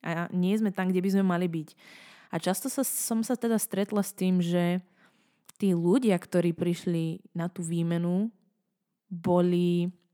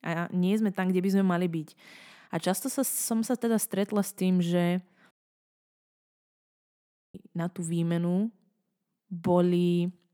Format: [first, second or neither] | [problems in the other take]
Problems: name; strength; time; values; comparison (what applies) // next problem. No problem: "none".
first | audio cutting out; at 5 s for 2 s